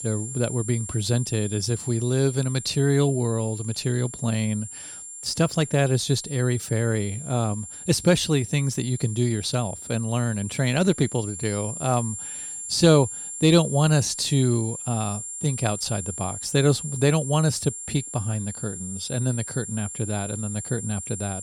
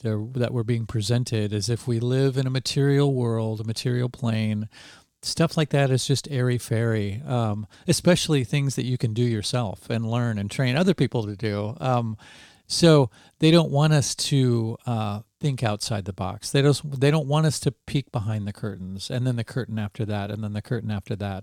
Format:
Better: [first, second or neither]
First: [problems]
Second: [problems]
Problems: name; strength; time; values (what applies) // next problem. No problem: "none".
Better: second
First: high-pitched whine; loud; throughout; 7.5 kHz, 9 dB below the speech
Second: none